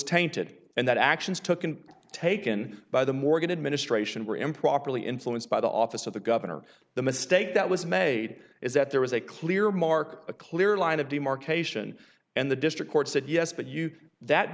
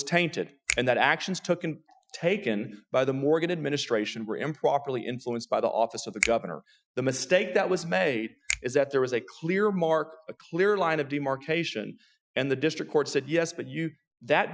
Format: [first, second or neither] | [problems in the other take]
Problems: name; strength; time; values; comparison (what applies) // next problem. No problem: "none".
first | noise reduction (classical method Wiener filter)